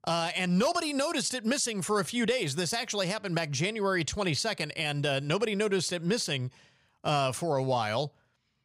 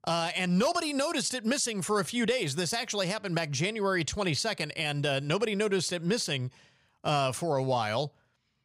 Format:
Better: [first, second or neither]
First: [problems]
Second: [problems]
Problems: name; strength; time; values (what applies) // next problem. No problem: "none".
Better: neither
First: none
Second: none